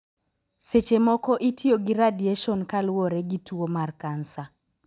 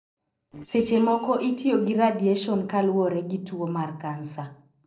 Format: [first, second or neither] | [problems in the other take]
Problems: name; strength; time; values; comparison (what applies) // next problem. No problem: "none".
first | noise reduction (neural separator model SepFormer DNS4)